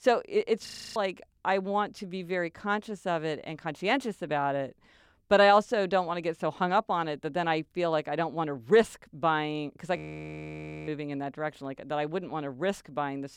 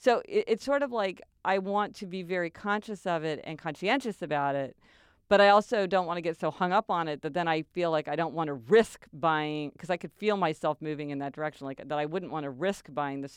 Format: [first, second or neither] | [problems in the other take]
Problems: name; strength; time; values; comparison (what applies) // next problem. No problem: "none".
second | audio freezing; at 0.5 s and at 10 s for 1 s